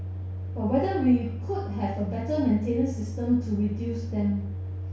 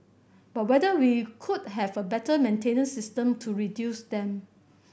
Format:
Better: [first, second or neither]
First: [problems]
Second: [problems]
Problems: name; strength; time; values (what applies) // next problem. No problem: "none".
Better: second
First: background sound (Microwave oven); 6 dB below the speech // room echo; dies away in 0.6 s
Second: none